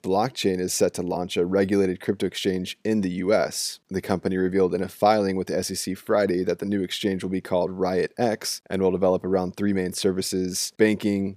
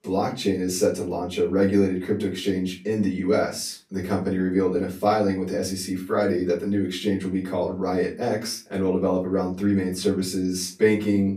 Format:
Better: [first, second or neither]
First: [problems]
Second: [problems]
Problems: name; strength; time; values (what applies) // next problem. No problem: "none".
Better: first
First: none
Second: off-mic speech; far // room echo; slight; dies away in 0.3 s